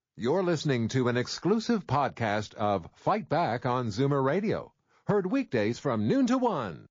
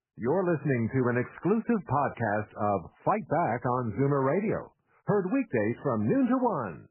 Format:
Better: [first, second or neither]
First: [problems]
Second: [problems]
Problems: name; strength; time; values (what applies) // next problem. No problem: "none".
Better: first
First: garbled, watery; slightly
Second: garbled, watery; badly; nothing above 2.5 kHz